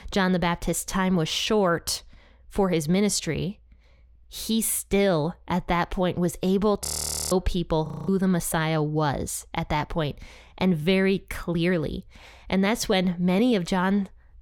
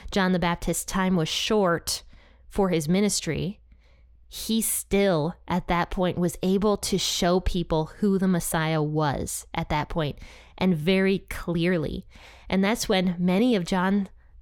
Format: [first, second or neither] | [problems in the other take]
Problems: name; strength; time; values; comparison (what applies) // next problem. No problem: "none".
second | audio freezing; at 7 s and at 8 s